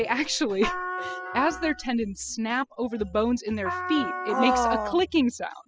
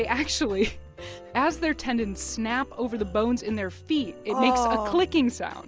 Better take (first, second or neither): second